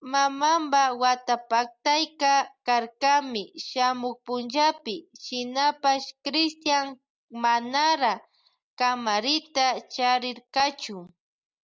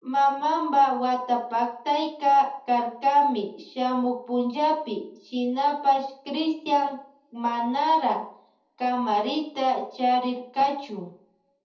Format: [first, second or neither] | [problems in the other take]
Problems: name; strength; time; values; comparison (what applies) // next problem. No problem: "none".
first | room echo; dies away in 0.5 s